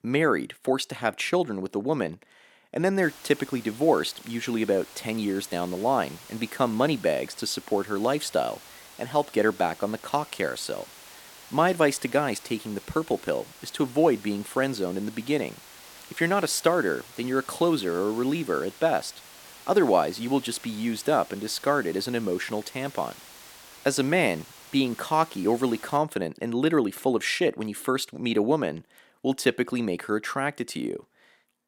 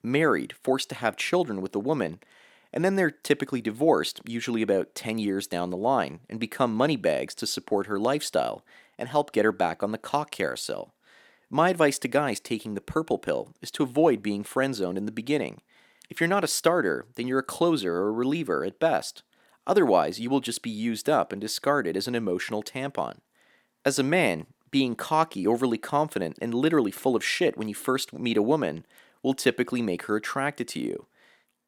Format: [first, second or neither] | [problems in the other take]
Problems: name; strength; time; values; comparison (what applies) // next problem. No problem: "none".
second | hiss; noticeable; from 3 to 26 s; 20 dB below the speech